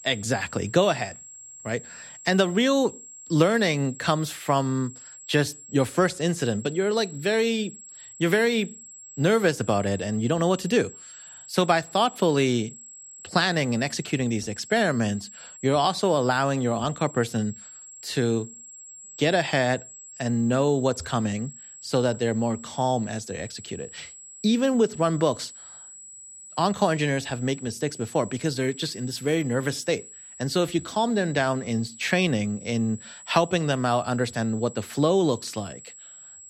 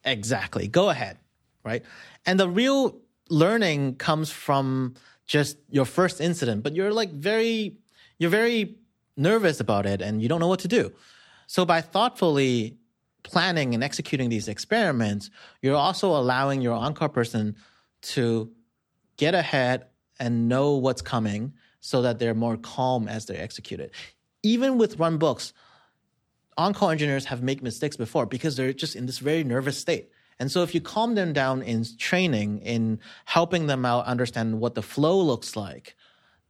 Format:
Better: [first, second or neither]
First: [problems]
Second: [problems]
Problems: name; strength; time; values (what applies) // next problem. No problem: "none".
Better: second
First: high-pitched whine; noticeable; throughout; 7.5 kHz, 15 dB below the speech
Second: none